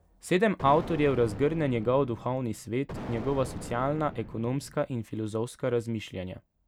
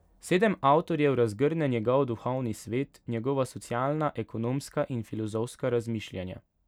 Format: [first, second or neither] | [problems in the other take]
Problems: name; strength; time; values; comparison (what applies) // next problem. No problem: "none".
second | background sound (Explosion); 12 dB below the speech